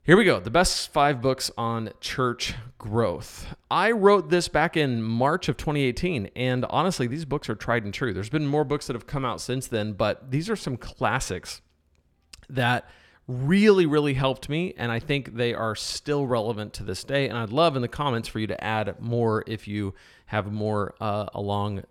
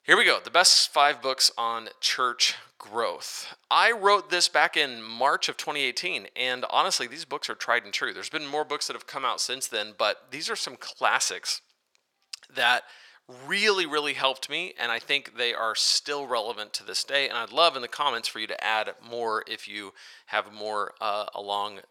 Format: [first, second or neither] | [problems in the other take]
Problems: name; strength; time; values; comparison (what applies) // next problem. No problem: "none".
first | thin; very; fading below 750 Hz